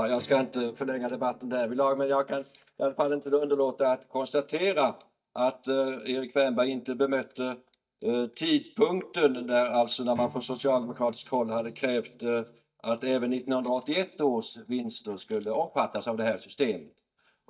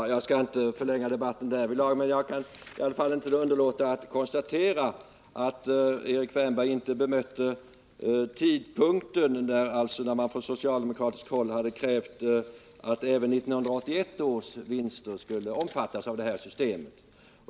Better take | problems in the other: second | noise reduction (neural mask model DeepFilterNet 3)

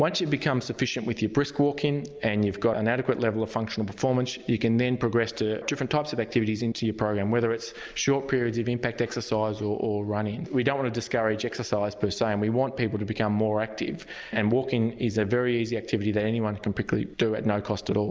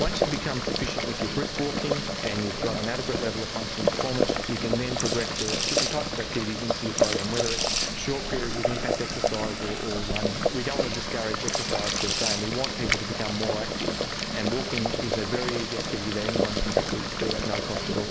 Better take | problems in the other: first | background sound (Boiling + Rattle / Rattle (instrument)); 3 dB above the speech

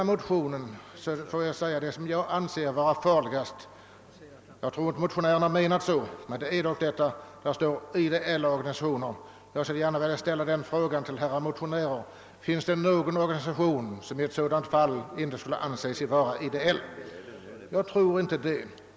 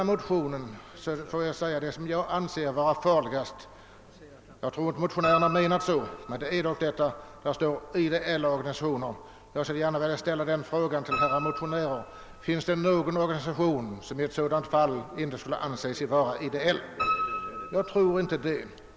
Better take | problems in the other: first | background sound (Piano); 10 dB below the speech

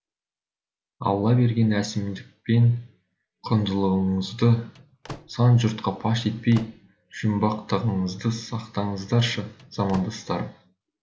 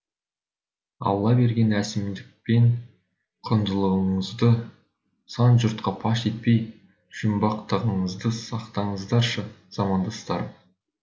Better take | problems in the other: second | background sound (Slam / Microwave oven); 18 dB below the speech

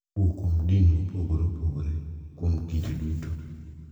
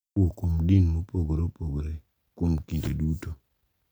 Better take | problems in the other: second | room echo; dies away in 2.2 s

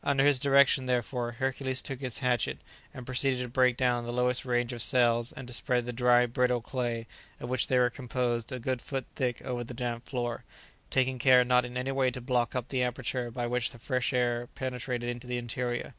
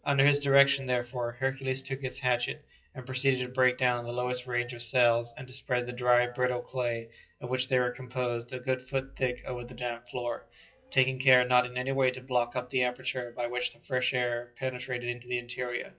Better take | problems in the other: first | noise reduction (classical method WPE with log-MMSE)

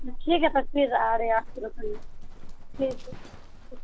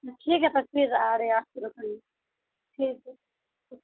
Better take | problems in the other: second | background sound (Livestock, farm animals, working animals); 5 dB below the speech

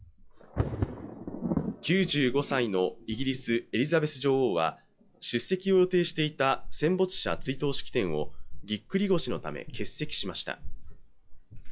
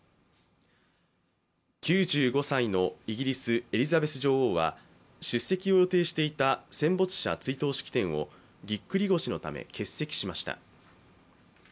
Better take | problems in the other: second | noise reduction (classical method log-MMSE)

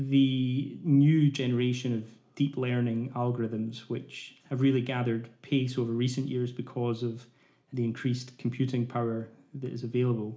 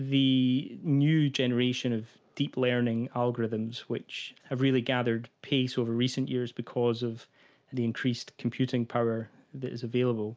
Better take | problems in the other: second | room echo; dies away in 0.4 s

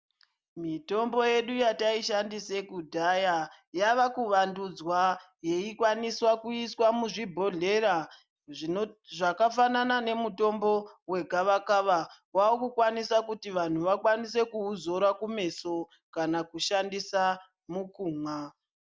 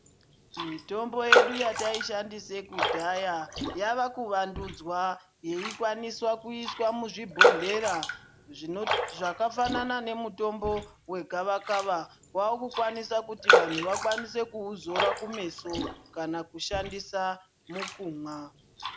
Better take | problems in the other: first | background sound (Raindrop); 1 dB above the speech

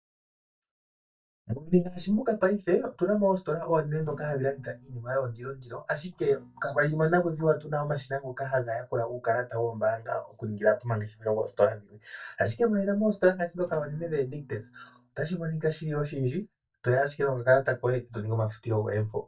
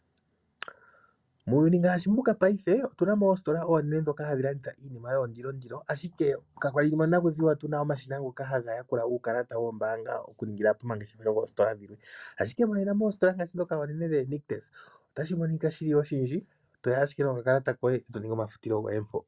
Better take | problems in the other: second | noise reduction (neural mask model DeepFilterNet 3)

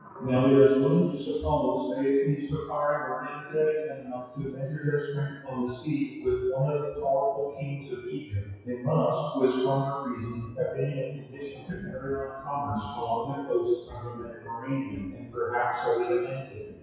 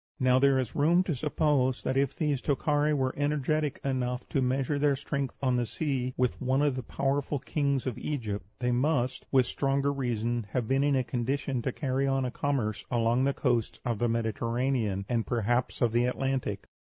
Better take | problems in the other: second | noise reduction (classical method WPE with log-MMSE)

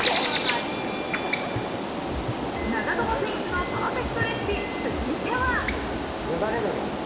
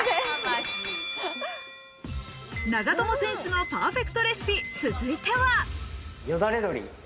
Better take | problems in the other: second | background sound (Bird); 1 dB above the speech // room echo; dies away in 2.4 s

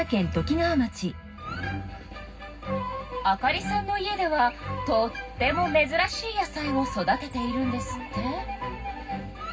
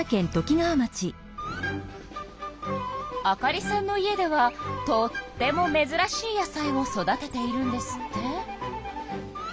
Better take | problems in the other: second | room echo; dies away in 0.4 s

